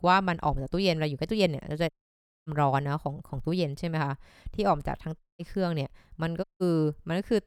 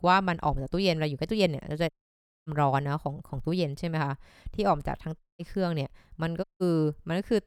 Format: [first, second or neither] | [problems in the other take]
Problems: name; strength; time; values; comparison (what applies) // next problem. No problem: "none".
neither | audio cutting out; at 2 s for 0.5 s, at 5 s and at 6.5 s; the same in both